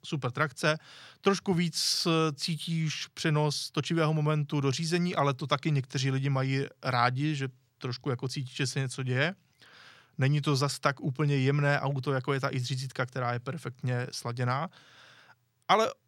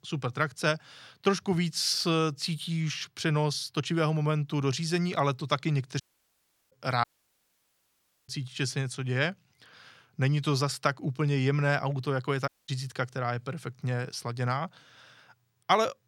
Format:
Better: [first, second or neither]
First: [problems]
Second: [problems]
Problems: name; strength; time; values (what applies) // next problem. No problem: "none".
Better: first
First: none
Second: audio cutting out; at 6 s for 0.5 s, at 7 s for 1 s and at 12 s